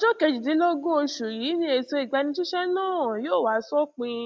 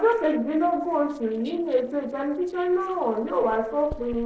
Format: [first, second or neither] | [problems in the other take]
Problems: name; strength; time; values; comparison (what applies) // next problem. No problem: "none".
first | noise reduction (neural separator model SepFormer DNS4)